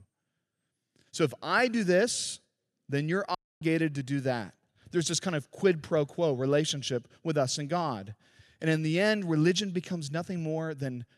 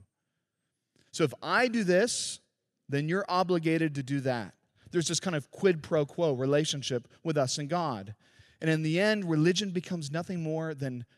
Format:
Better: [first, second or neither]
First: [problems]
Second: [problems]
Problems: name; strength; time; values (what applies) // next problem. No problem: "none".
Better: second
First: audio cutting out; at 3.5 s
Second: none